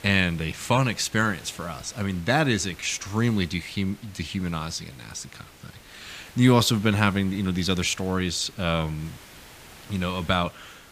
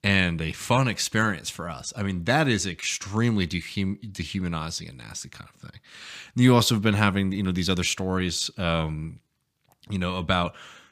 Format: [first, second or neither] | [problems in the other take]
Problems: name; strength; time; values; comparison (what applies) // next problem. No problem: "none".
second | hiss; faint; throughout; 20 dB below the speech